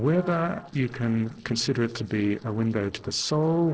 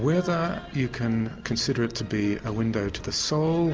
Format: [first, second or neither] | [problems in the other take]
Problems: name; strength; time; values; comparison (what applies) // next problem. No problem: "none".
second | noise reduction (neural separator model SepFormer DNS4)